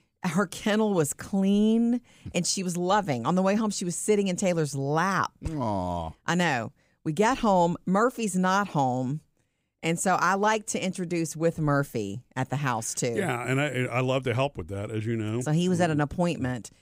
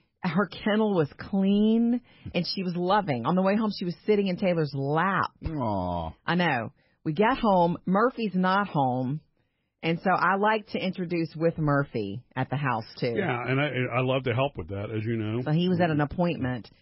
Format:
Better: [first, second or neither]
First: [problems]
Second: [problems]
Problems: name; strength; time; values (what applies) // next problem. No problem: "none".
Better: first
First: none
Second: garbled, watery; badly; nothing above 5.5 kHz